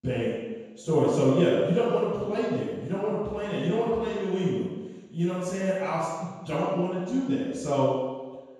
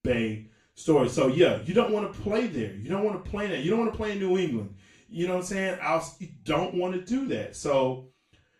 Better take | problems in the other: second | room echo; strong; dies away in 1.2 s; slight in the second // off-mic speech; far; far in the second

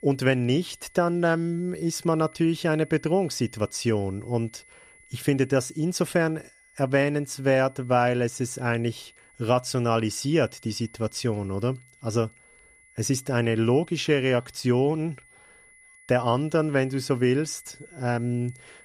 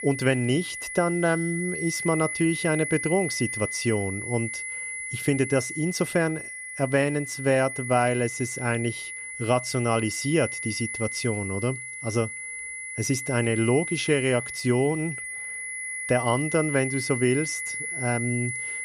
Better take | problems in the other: first | high-pitched whine; loud; throughout; 2 kHz, 5 dB below the speech; faint in the first

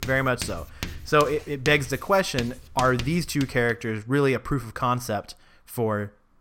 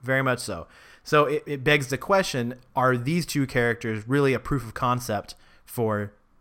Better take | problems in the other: second | household noises; noticeable; until 3.5 s; 10 dB below the speech

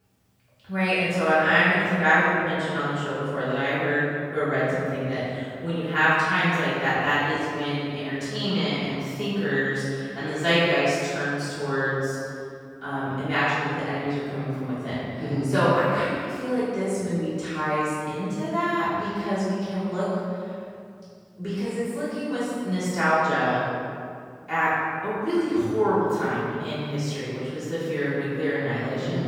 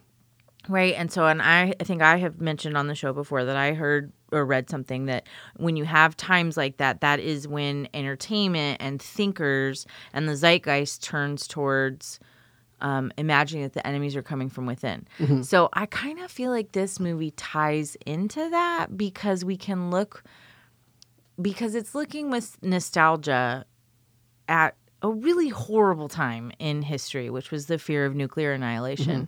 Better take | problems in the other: second | off-mic speech; far // room echo; strong; dies away in 2 s

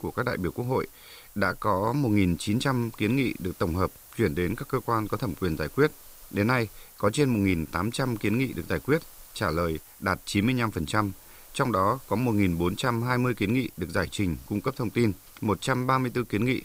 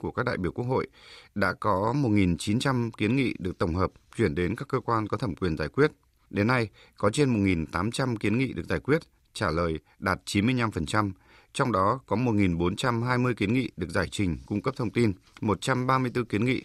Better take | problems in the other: second | hiss; faint; throughout; 20 dB below the speech

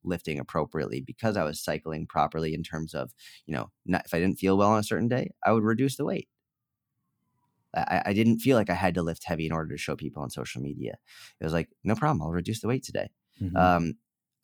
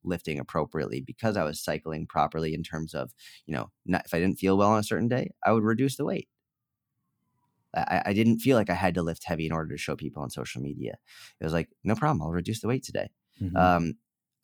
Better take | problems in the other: neither | none

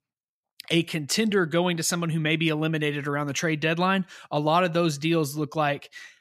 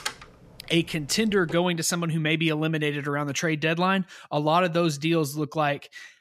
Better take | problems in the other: first | household noises; noticeable; until 1.5 s; 20 dB below the speech

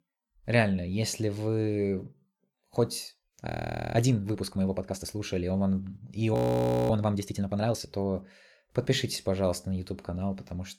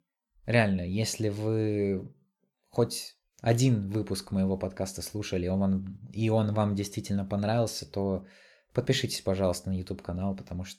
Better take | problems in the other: second | audio freezing; at 3.5 s and at 6.5 s for 0.5 s

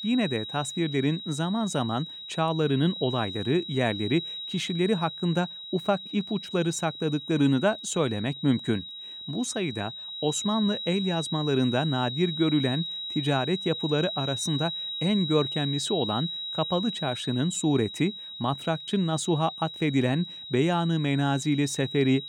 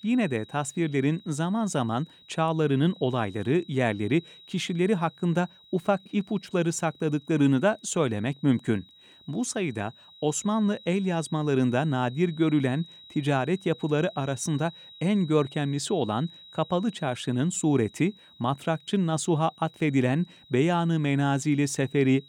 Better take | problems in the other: second | high-pitched whine; loud; throughout; 4 kHz, 7 dB below the speech; faint in the second

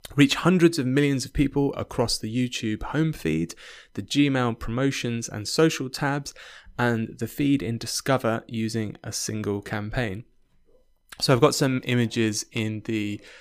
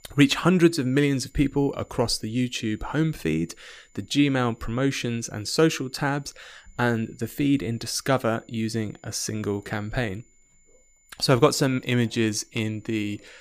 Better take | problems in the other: first | high-pitched whine; faint; throughout; 7 kHz, 35 dB below the speech

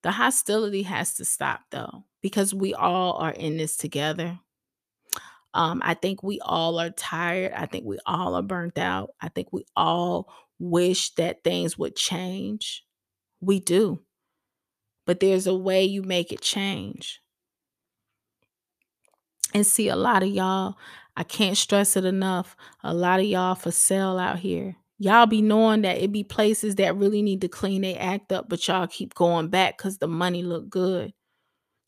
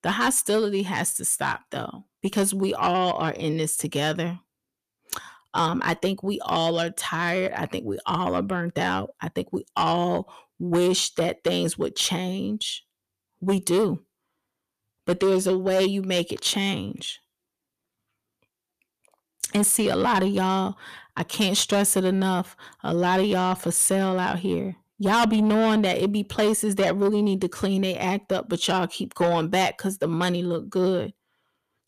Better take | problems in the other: first | distortion; slight; 10 dB below the speech

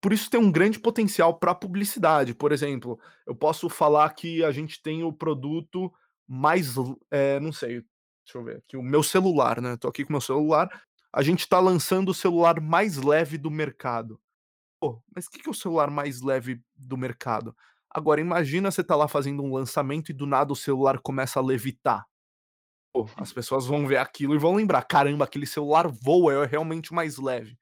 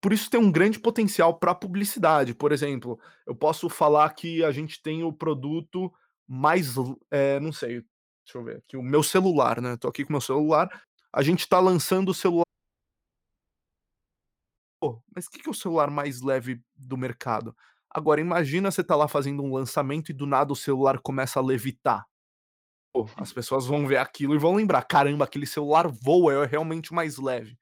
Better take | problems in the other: first | audio cutting out; at 12 s for 2 s

